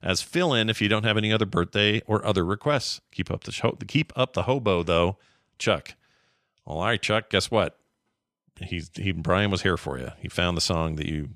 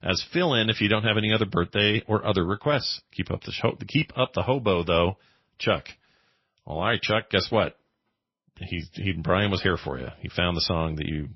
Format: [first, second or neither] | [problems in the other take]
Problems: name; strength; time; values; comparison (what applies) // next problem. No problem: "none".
first | garbled, watery; slightly; nothing above 5.5 kHz